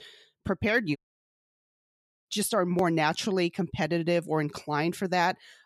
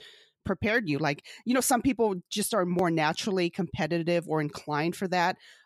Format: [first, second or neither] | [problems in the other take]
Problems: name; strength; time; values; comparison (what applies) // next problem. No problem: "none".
second | audio cutting out; at 1 s for 1.5 s